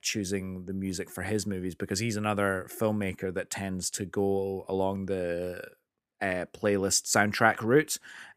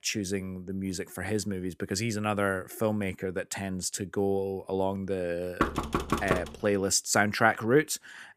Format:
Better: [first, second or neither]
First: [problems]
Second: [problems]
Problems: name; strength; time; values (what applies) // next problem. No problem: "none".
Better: first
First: none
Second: door banging; noticeable; at 5.5 s; peak level with the speech